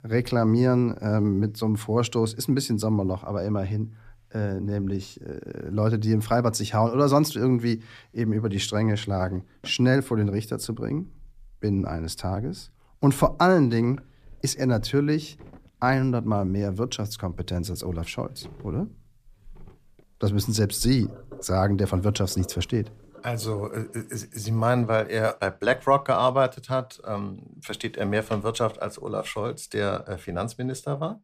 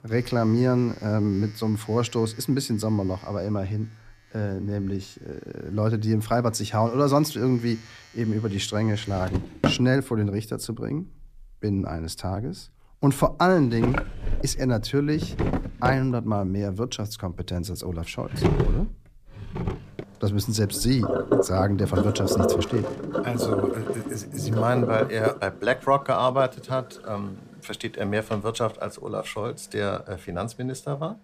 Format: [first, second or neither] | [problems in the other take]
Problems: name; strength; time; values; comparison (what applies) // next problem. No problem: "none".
first | household noises; loud; throughout; 2 dB below the speech; faint in the first